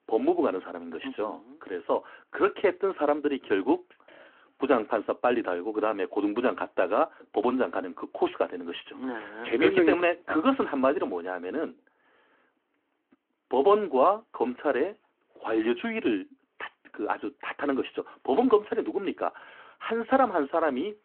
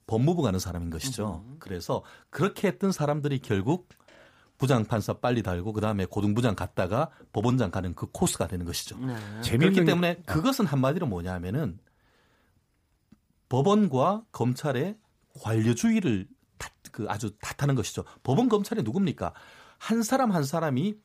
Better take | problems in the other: second | phone-call audio

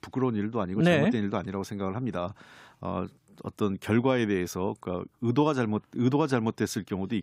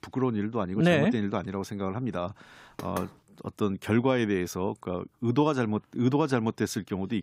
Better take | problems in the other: first | door banging; faint; at 3 s; peak 10 dB below the speech

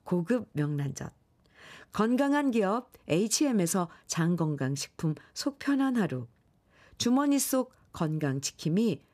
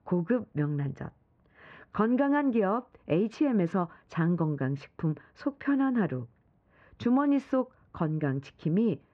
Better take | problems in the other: first | muffled; very; fading above 2 kHz

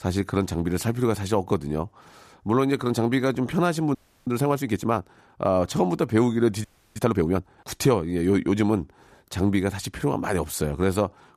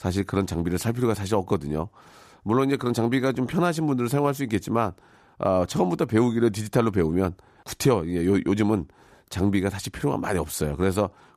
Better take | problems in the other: second | audio freezing; at 4 s and at 6.5 s

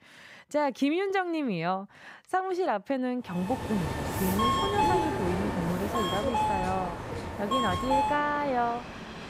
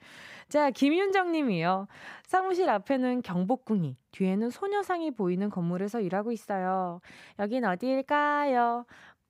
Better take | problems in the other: second | train or aircraft noise; very loud; from 3.5 s on; as loud as the speech

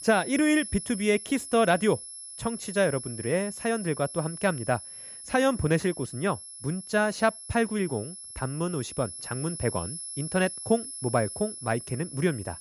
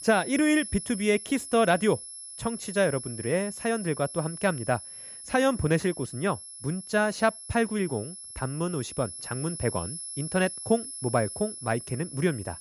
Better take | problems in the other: neither | high-pitched whine; loud; throughout; 11 kHz, 10 dB below the speech; the same in both

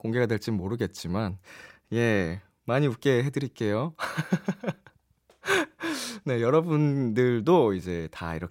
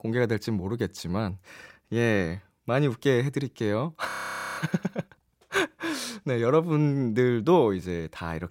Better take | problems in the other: first | audio freezing; at 4 s

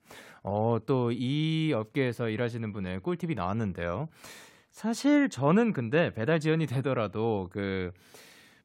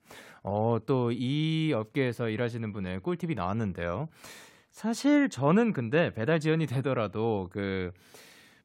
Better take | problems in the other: neither | none

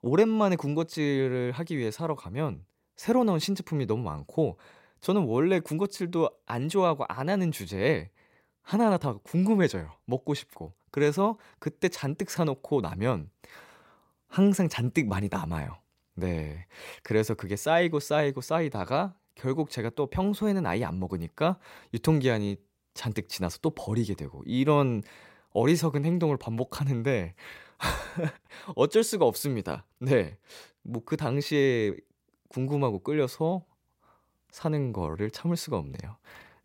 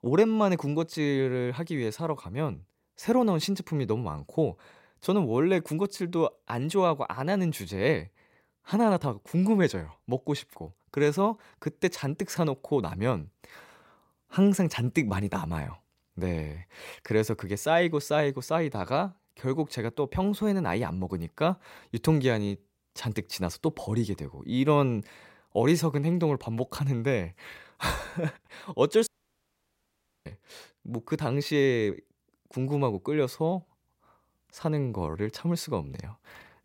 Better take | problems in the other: first | audio cutting out; at 29 s for 1 s

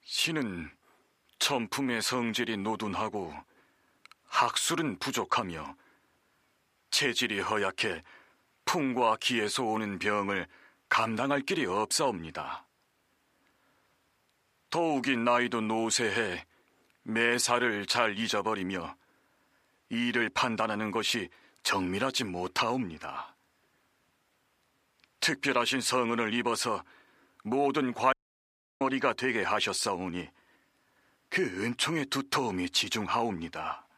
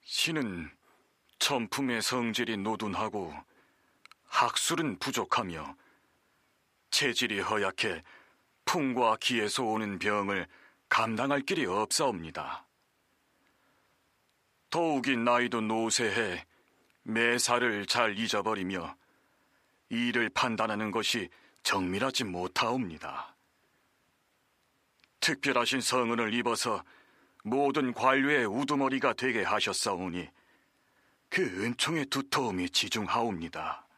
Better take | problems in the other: second | audio cutting out; at 28 s for 0.5 s

